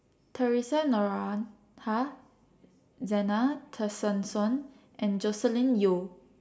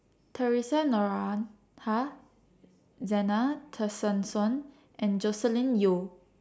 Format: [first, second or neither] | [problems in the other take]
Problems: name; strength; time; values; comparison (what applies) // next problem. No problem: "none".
second | room echo; dies away in 0.5 s